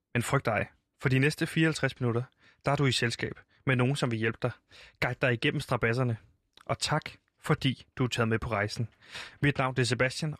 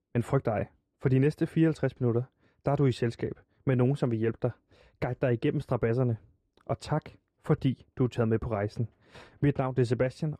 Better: first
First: none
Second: muffled; slightly; fading above 1 kHz

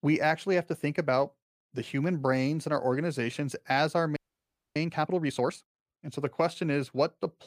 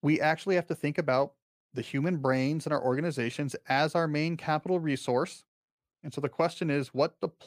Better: second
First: audio freezing; at 4 s for 0.5 s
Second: none

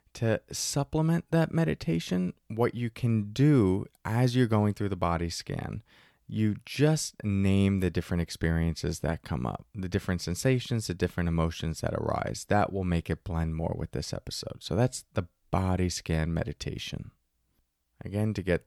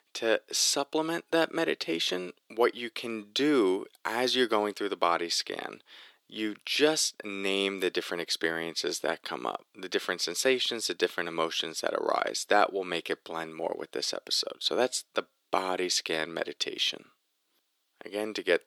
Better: first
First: none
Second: thin; very; fading below 350 Hz

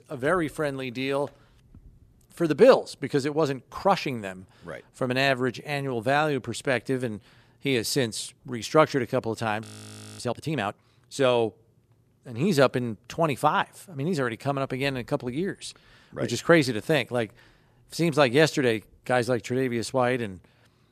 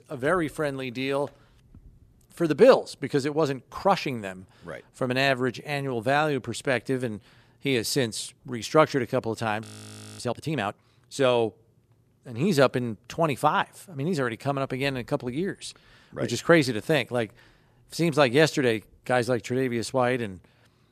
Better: neither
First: audio freezing; at 9.5 s for 0.5 s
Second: audio freezing; at 9.5 s for 0.5 s

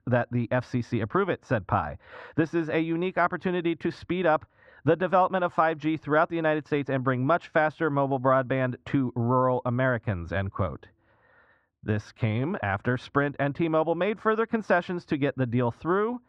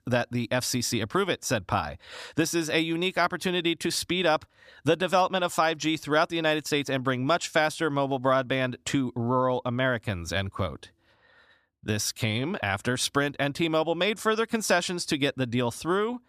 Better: second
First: muffled; very; fading above 1.5 kHz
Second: none

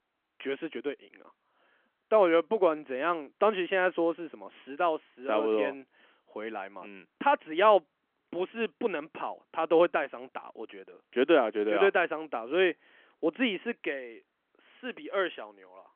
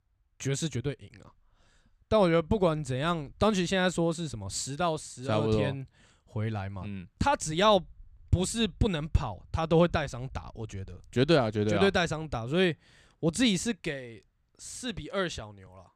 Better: second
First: phone-call audio; nothing above 3.5 kHz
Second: none

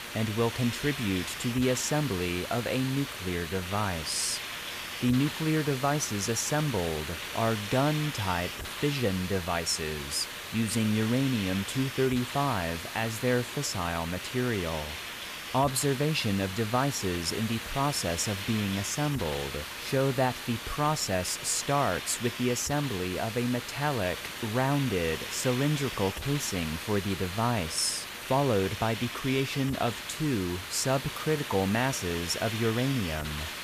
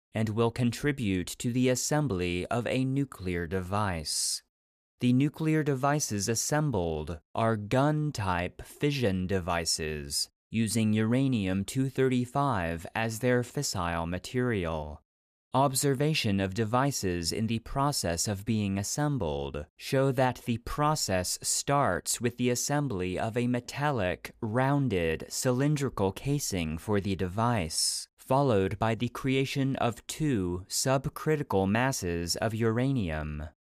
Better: second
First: hiss; loud; throughout; 7 dB below the speech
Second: none

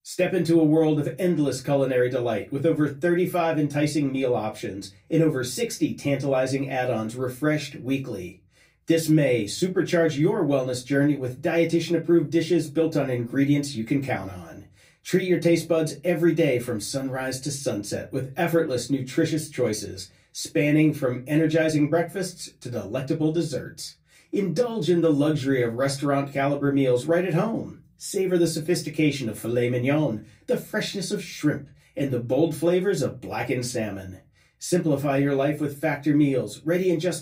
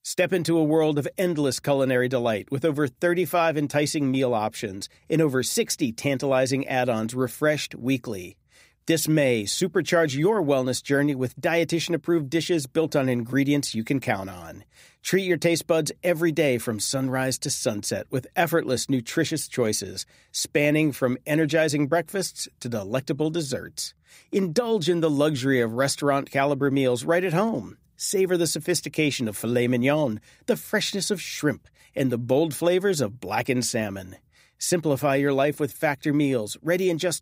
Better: second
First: off-mic speech; far // room echo; very slight; dies away in 0.2 s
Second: none

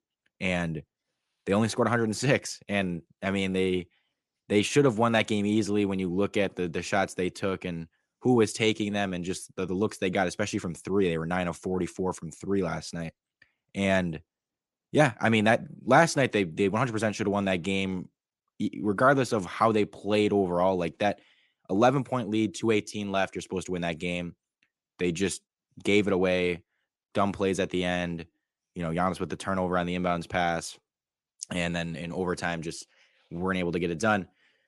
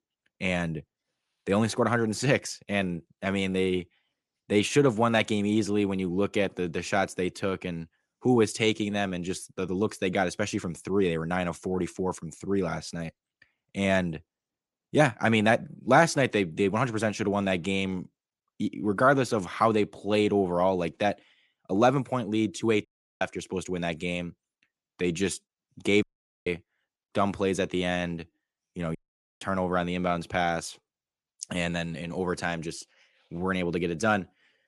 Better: first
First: none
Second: audio cutting out; at 23 s, at 26 s and at 29 s

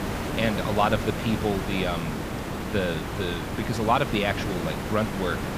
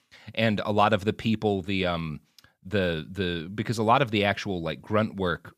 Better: second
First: hiss; loud; throughout; 3 dB below the speech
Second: none

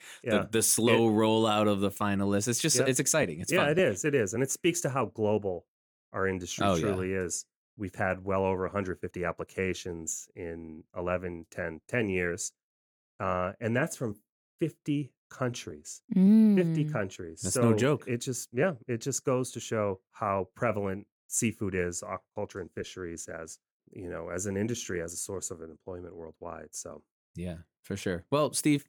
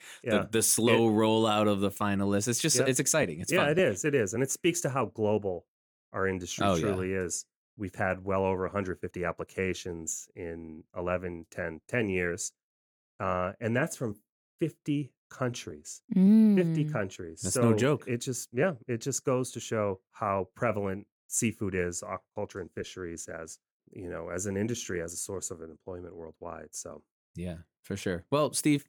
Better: neither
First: none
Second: none

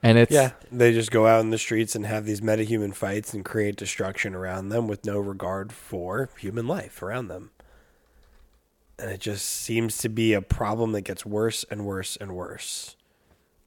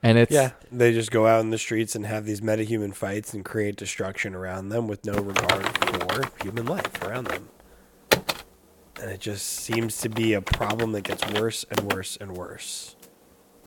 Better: first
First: none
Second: keyboard typing; loud; from 5 to 12 s; peak 4 dB above the speech

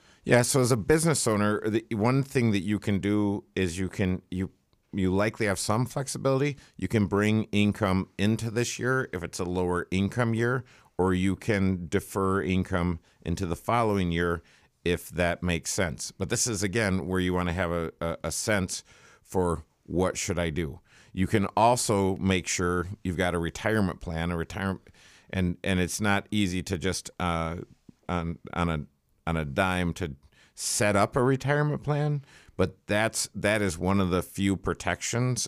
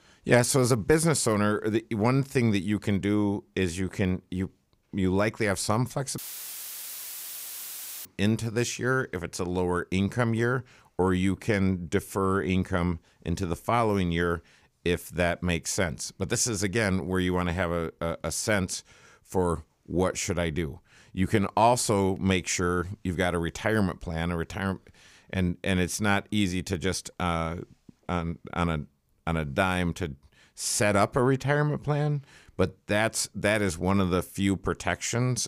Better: first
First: none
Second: audio cutting out; filled with static; at 6 s for 2 s

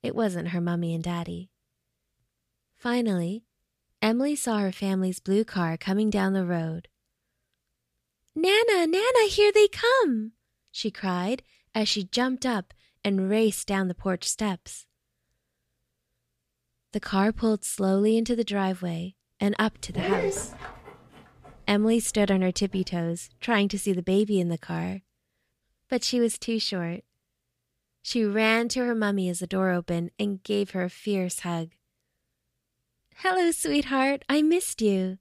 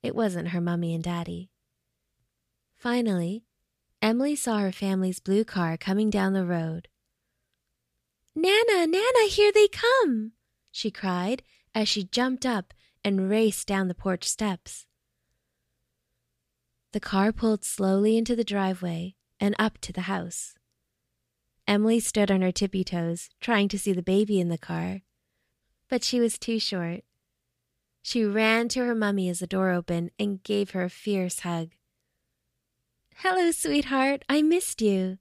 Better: second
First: dog barking; noticeable; at 20 s; peak 1 dB below the speech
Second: none

